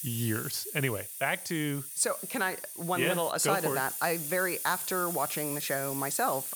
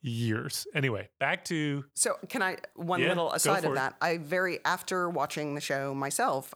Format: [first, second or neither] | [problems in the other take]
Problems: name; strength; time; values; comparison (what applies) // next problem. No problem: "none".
second | hiss; loud; throughout; 5 dB below the speech